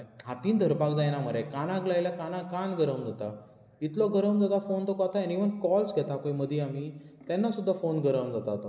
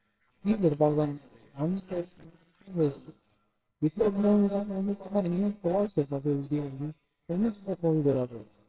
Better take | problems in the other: first | noise reduction (neural separator model SepFormer WHAMR!)

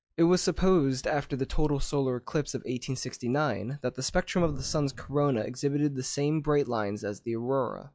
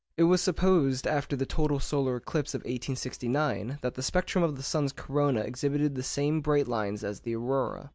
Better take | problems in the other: second | noise reduction (classical method log-MMSE)

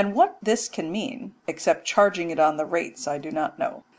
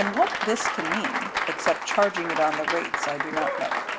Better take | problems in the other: first | background sound (Applause); 1 dB below the speech

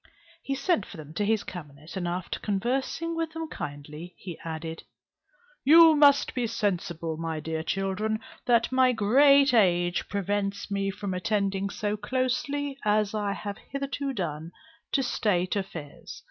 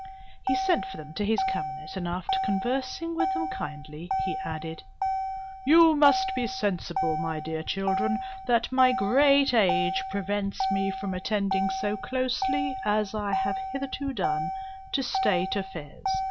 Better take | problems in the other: first | background sound (Motor vehicle (road)); 3 dB below the speech

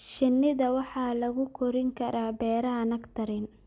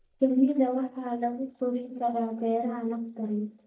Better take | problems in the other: first | noise reduction (neural mask model DeepFilterNet 3)

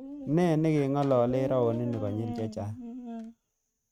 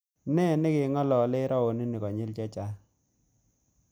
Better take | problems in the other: second | noise reduction (neural mask model RNNoise)

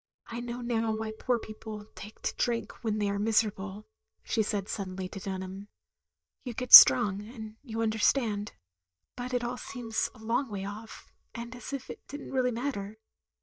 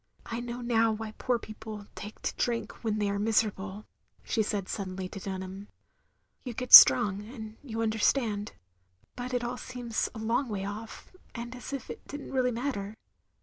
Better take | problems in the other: second | noise reduction (neural mask model DeepFilterNet 3)

